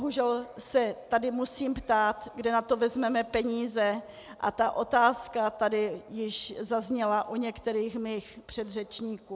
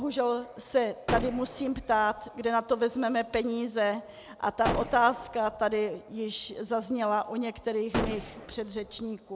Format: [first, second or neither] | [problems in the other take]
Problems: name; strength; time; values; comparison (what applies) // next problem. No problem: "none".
first | background sound (Gunshot, gunfire); 6 dB below the speech